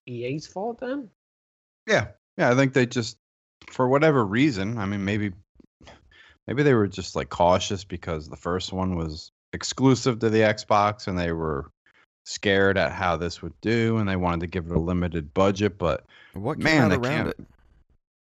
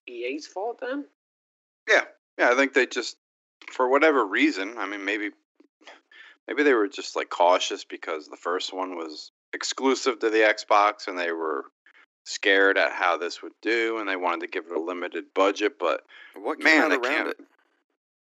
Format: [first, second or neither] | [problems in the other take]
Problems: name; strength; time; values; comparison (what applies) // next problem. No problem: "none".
first | thin; somewhat; fading below 300 Hz